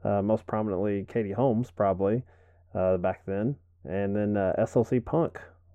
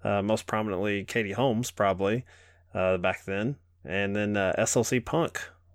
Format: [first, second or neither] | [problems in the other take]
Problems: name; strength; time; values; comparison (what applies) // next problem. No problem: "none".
second | muffled; very; fading above 2 kHz